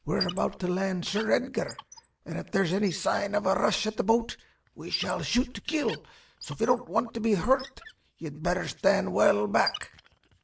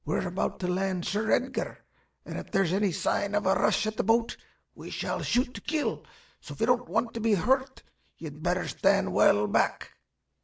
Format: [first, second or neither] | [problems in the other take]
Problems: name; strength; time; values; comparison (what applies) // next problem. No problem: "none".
second | background sound (Squeak); 16 dB below the speech